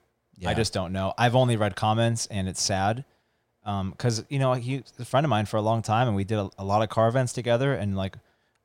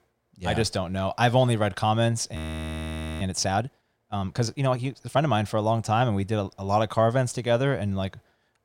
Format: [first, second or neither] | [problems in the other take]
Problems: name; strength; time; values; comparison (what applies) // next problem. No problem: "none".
first | audio freezing; at 2.5 s for 1 s